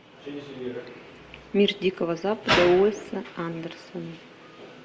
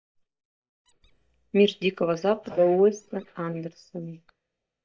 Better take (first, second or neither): first